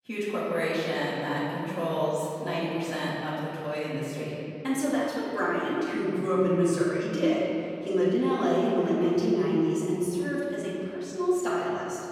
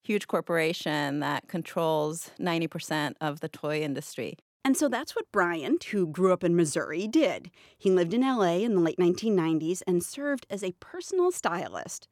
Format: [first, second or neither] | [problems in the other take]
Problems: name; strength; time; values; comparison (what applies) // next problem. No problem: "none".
second | off-mic speech; far // room echo; strong; dies away in 2.6 s